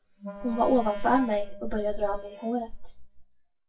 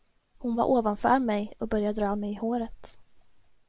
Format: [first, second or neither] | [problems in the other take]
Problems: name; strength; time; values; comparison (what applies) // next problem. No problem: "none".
second | noise reduction (classical method WPE with log-MMSE)